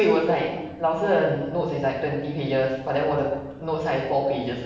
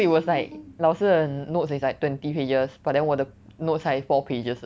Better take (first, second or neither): second